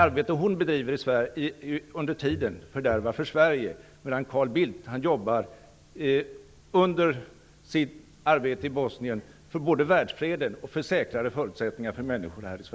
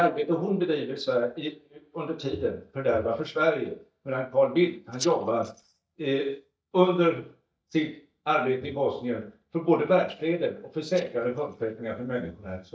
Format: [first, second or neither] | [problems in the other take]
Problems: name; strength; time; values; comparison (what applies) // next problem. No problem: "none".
first | noise reduction (neural mask model DeepFilterNet 3)